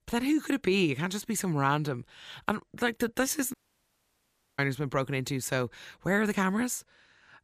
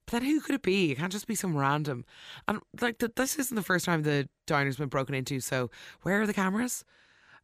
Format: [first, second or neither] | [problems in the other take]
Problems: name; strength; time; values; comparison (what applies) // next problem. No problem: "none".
second | audio cutting out; at 3.5 s for 1 s